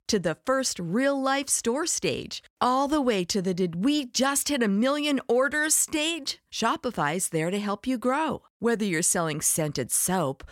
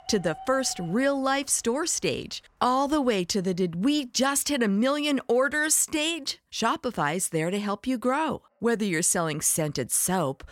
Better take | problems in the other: first | animal sounds; faint; throughout; 20 dB below the speech

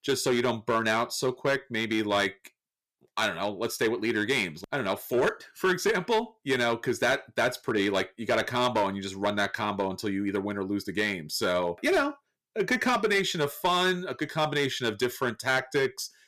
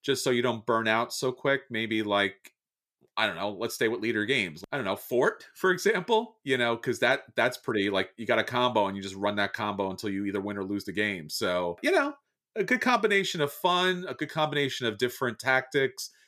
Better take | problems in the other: second | distortion; slight; 5% of the sound clipped

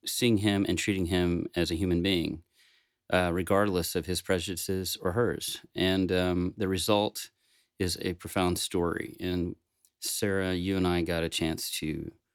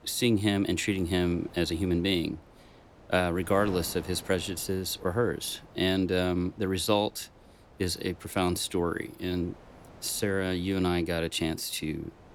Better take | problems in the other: first | wind noise on the microphone; occasional gusts; 20 dB below the speech

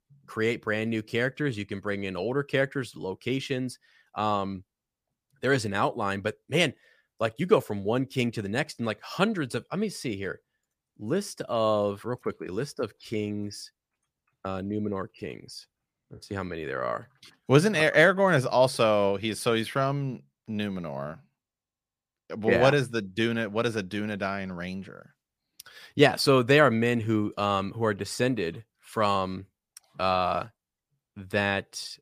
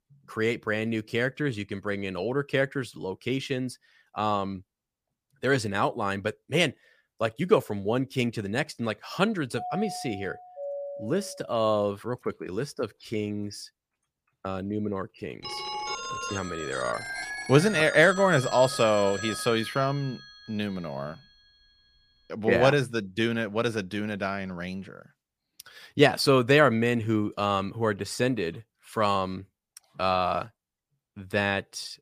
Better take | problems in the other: first | doorbell; noticeable; from 9.5 to 12 s; peak 9 dB below the speech // phone ringing; noticeable; from 15 to 20 s; peak 5 dB below the speech

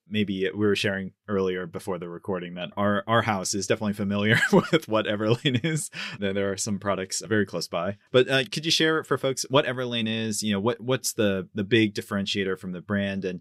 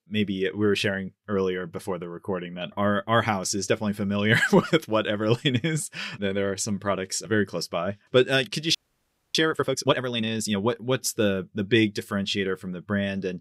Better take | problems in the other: first | audio freezing; at 9 s for 0.5 s

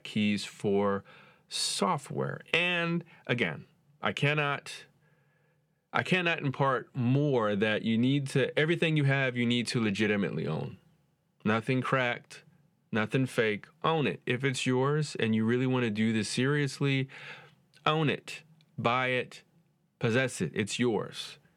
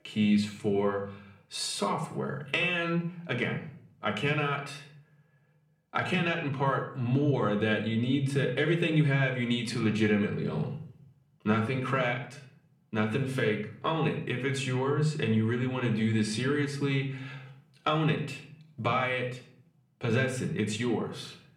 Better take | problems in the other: first | room echo; slight; dies away in 0.5 s // off-mic speech; somewhat distant

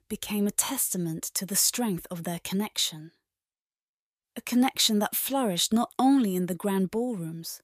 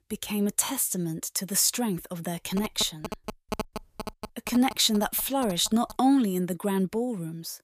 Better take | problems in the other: first | phone ringing; noticeable; from 2.5 to 6 s; peak 9 dB below the speech

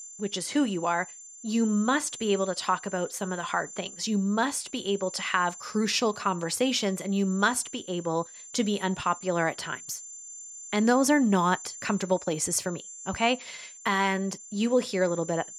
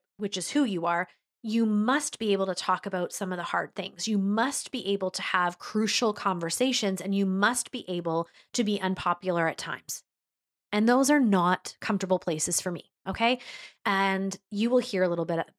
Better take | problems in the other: second | high-pitched whine; noticeable; throughout; 7 kHz, 15 dB below the speech

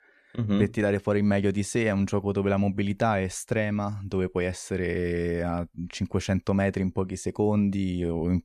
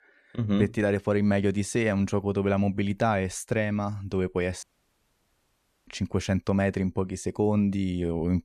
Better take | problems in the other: first | audio cutting out; at 4.5 s for 1 s

